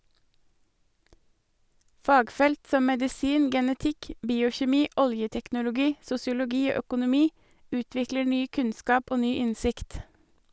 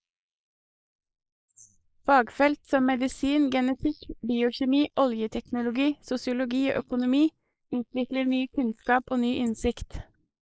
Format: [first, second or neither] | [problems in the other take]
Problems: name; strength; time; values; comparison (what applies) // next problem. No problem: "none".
first | noise reduction (neural mask model Resemble Enhance denoiser)